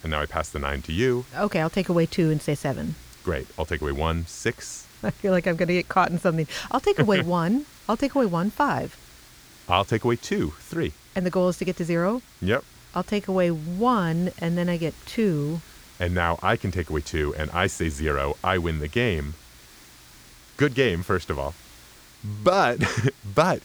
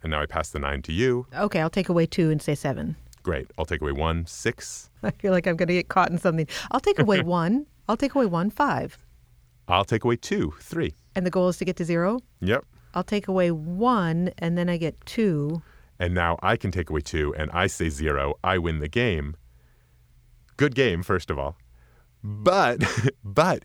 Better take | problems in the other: second | hiss; faint; throughout; 25 dB below the speech

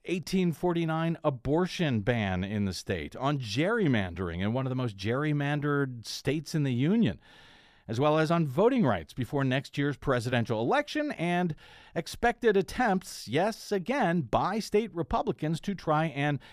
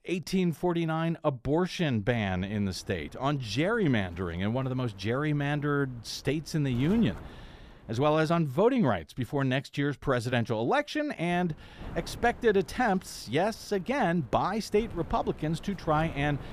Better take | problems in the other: first | wind noise on the microphone; occasional gusts; from 2 to 8.5 s and from 11 s on; 20 dB below the speech

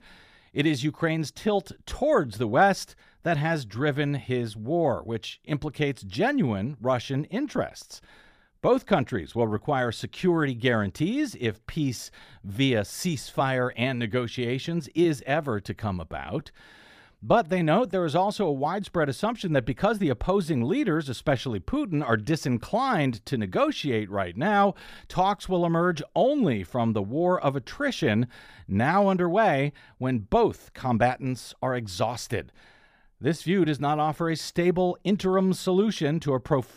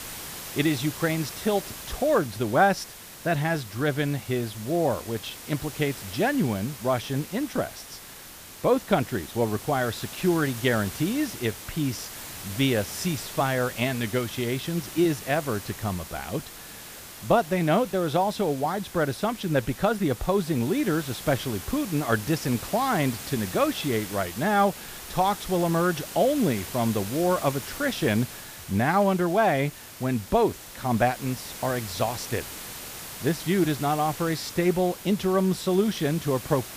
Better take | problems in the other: first | hiss; noticeable; throughout; 10 dB below the speech

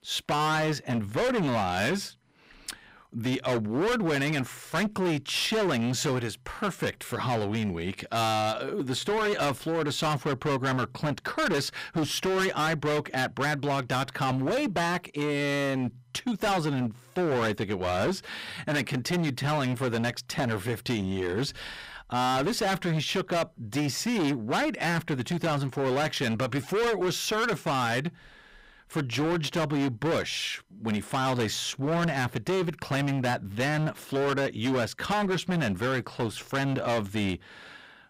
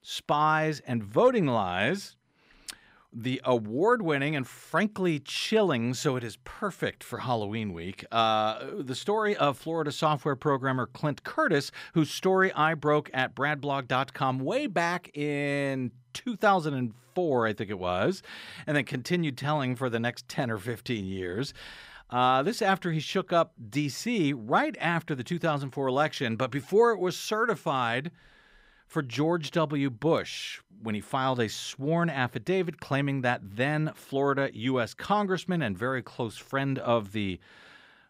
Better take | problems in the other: second | distortion; heavy; 22% of the sound clipped

